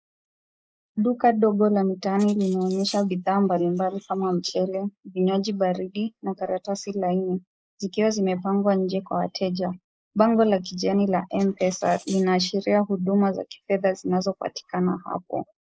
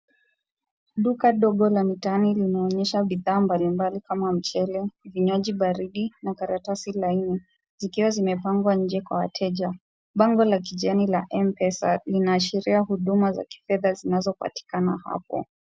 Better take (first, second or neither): second